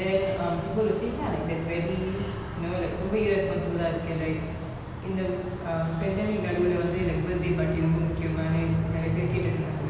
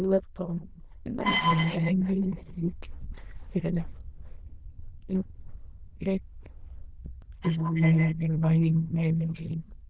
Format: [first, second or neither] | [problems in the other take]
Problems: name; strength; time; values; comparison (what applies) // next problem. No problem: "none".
first | noise reduction (neural diffusion model UNIVERSE++)